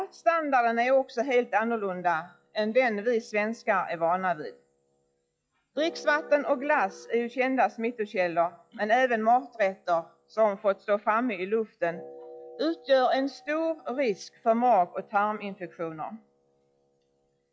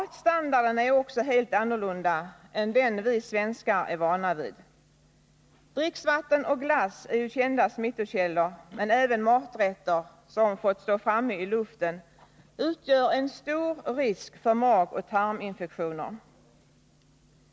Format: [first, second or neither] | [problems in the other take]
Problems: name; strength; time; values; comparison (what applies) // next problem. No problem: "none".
second | noise reduction (classical method log-MMSE)